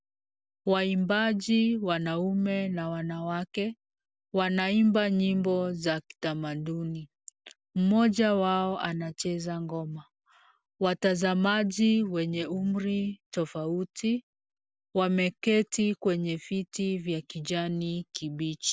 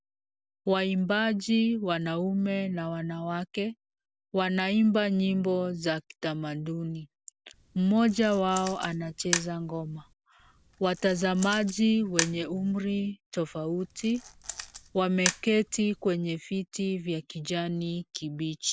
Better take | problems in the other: first | background sound (Camera); 10 dB below the speech

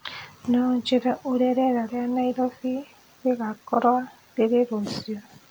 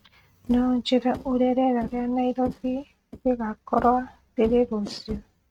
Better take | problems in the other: first | noise reduction (neural mask model RNNoise)

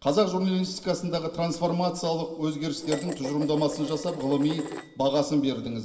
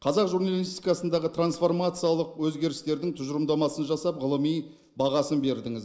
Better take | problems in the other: second | background sound (Dishes, pots, and pans); 12 dB below the speech // room echo; dies away in 1.5 s

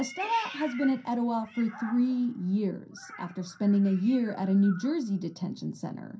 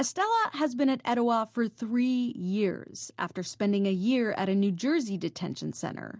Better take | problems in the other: second | background sound (Meow); 18 dB below the speech // room echo; dies away in 0.3 s

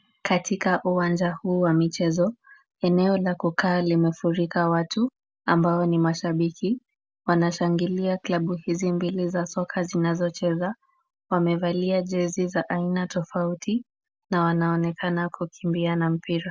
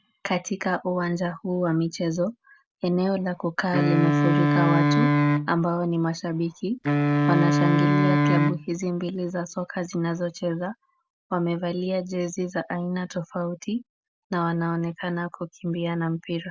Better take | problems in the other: first | background sound (Wind instrument, woodwind instrument); 4 dB above the speech

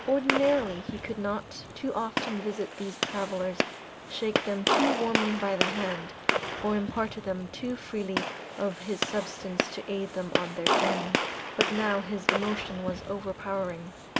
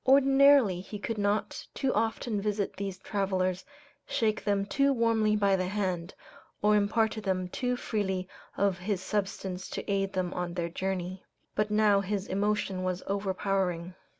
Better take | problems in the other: second | background sound (Gunshot, gunfire); as loud as the speech

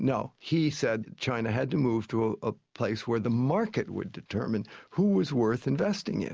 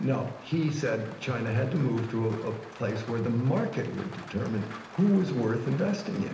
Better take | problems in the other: first | background sound (Rain); 17 dB below the speech // room echo; dies away in 0.8 s

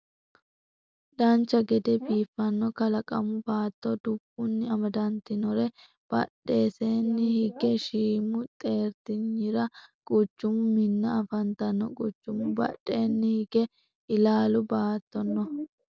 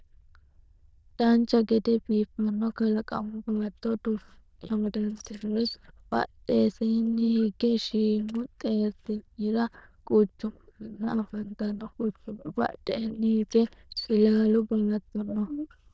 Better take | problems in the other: first | noise reduction (neural diffusion model UNIVERSE++)

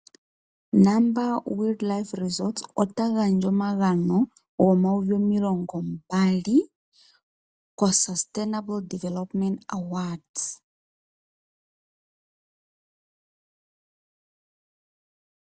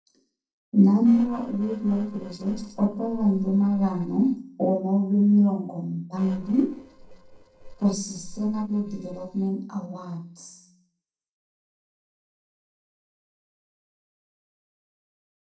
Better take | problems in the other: first | noise reduction (neural separator model SepFormer DNS4)

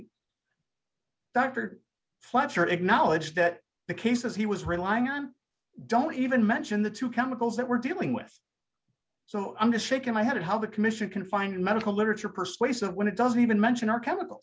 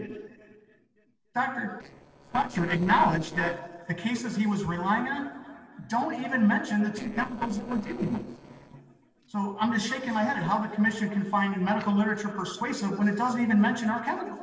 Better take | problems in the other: first | noise reduction (neural separator model SepFormer DNS4)

